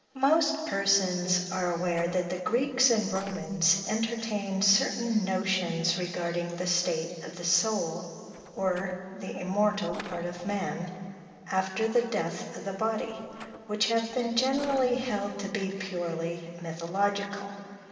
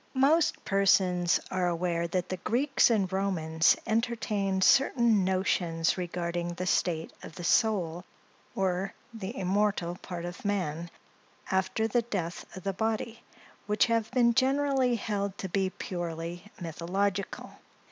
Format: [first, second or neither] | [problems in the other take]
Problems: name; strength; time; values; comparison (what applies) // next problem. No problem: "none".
second | noise reduction (neural separator model SepFormer DNS4)